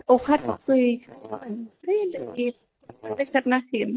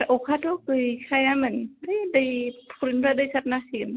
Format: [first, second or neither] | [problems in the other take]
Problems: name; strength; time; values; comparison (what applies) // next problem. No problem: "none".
second | noise reduction (neural mask model DeepFilterNet 3)